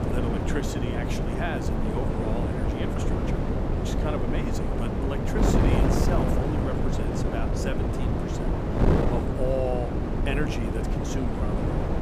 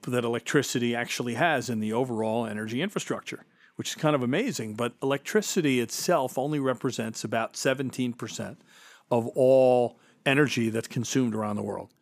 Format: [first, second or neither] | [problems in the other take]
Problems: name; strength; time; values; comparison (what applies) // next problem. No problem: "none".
second | wind noise on the microphone; heavy; 3 dB above the speech